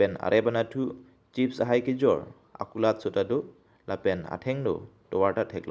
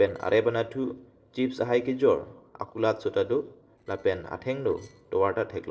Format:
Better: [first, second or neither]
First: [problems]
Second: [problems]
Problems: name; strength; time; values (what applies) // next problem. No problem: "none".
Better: first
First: none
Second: noise reduction (neural separator model SepFormer DNS4)